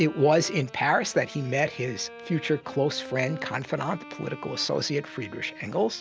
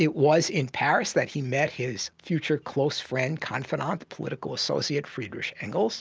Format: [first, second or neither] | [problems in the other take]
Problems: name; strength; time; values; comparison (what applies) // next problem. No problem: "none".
second | background sound (Bowed string instrument); 16 dB below the speech